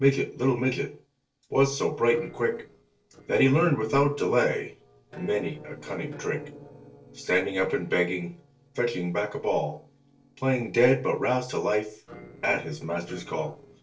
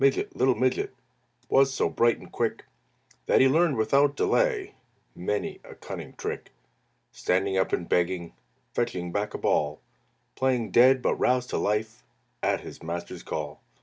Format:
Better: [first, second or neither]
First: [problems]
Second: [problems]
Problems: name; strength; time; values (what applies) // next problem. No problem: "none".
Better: second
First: noise reduction (neural separator model SepFormer DNS4)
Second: none